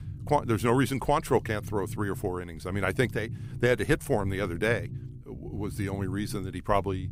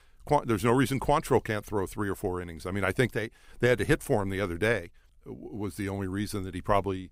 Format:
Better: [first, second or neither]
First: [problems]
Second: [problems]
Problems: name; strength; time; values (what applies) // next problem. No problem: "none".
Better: second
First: low rumble; faint; throughout; 20 dB below the speech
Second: none